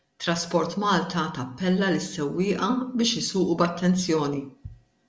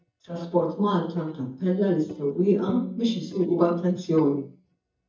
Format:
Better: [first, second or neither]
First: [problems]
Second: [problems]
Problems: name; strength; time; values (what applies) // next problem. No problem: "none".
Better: first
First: none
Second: noise reduction (neural mask model DeepFilterNet 3)